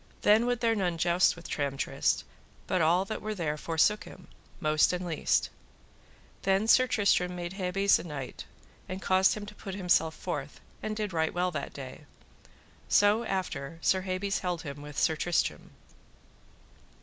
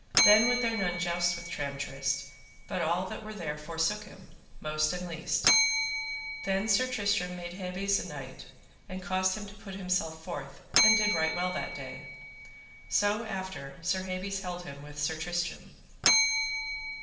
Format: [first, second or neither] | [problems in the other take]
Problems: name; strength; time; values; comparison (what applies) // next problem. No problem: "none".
first | background sound (Bell); as loud as the speech // room echo; dies away in 0.9 s